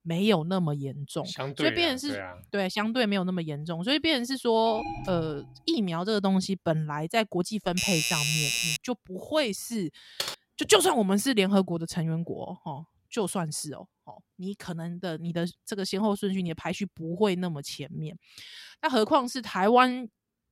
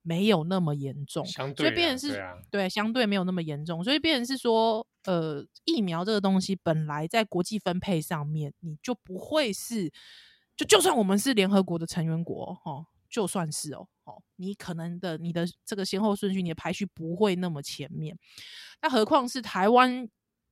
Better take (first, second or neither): second